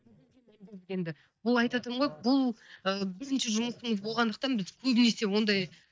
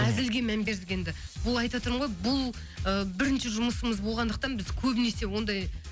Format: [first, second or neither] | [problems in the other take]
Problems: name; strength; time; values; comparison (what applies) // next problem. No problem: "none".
second | noise reduction (neural mask model DeepFilterNet 3)